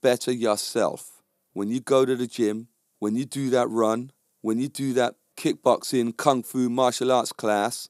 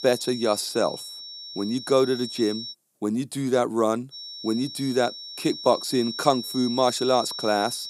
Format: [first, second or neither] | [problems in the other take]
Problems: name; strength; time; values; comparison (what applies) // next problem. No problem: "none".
first | high-pitched whine; loud; until 2.5 s and from 4 s on; 5.5 kHz, 9 dB below the speech